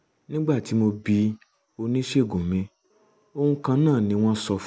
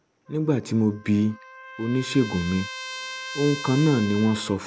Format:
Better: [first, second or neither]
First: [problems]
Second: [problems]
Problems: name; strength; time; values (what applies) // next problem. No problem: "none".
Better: first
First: none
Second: background sound (Trumpet); 13 dB below the speech